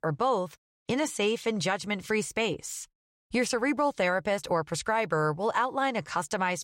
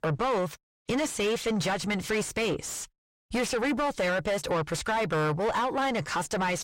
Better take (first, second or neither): first